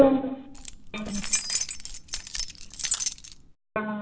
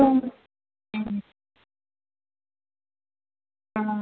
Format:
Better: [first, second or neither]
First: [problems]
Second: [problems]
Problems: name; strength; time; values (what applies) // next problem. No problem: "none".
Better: second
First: background sound (Keys jangling); 2 dB below the speech // room echo; dies away in 0.7 s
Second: none